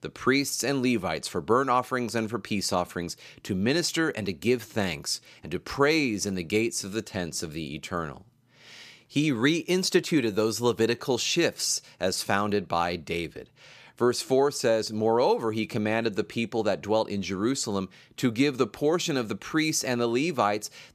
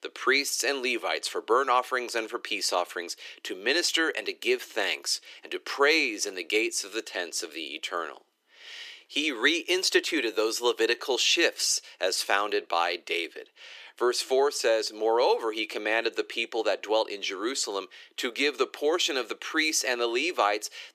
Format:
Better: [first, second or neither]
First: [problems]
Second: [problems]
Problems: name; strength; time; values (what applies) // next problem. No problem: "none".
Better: first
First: none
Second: thin; very; fading below 350 Hz